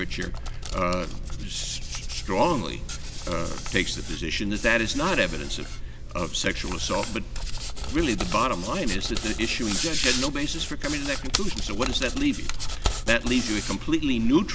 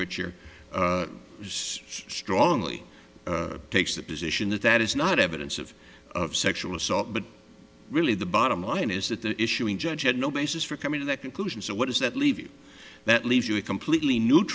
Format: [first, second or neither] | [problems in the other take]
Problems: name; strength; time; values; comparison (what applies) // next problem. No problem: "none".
second | background sound (Hands); 2 dB below the speech